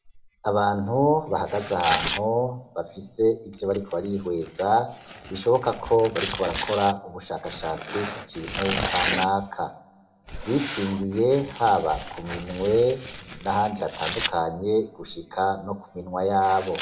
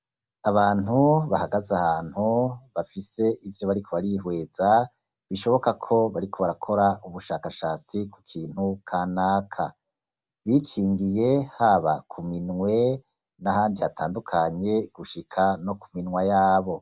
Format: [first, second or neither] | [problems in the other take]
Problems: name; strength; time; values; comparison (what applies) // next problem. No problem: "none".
second | background sound (Tearing); 10 dB below the speech // room echo; dies away in 0.8 s